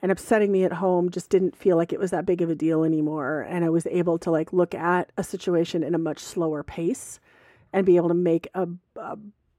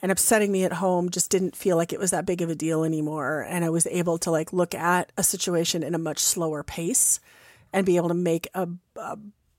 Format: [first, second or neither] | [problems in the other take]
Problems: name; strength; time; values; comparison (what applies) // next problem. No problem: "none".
second | muffled; very; fading above 4 kHz